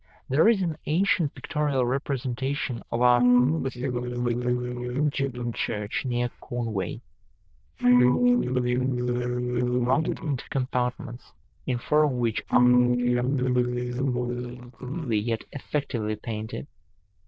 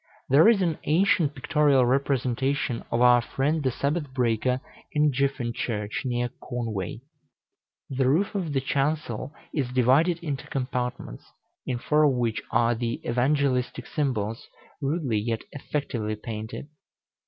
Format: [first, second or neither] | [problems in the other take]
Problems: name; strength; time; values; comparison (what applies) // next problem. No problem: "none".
second | noise reduction (neural diffusion model UNIVERSE++)